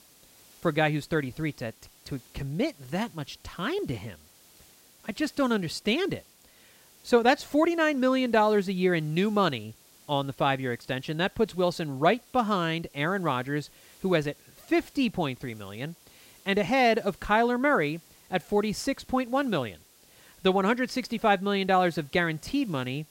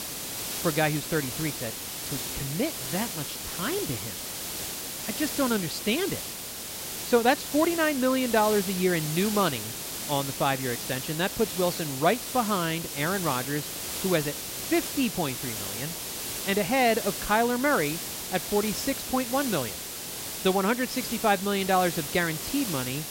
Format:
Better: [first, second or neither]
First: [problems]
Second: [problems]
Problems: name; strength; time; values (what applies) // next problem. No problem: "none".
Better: first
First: hiss; faint; throughout; 25 dB below the speech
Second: hiss; loud; throughout; 5 dB below the speech